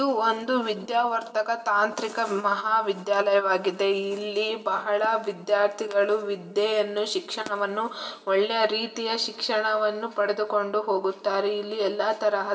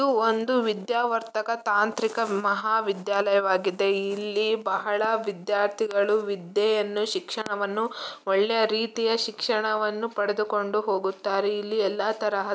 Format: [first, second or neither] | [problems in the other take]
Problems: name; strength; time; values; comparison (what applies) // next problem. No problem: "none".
second | room echo; dies away in 3 s